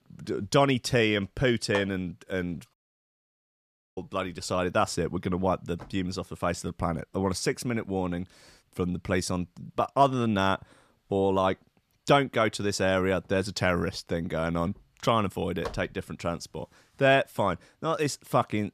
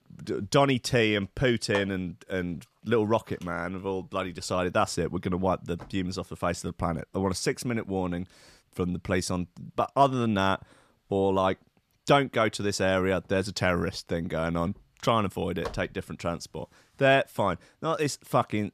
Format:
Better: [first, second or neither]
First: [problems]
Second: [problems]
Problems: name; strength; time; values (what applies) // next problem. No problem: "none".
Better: second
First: audio cutting out; at 2.5 s for 1 s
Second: none